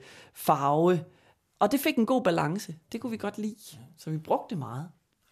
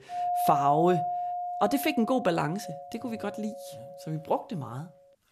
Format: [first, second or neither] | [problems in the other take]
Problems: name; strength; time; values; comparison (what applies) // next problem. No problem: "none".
first | doorbell; loud; until 4 s; peak 2 dB above the speech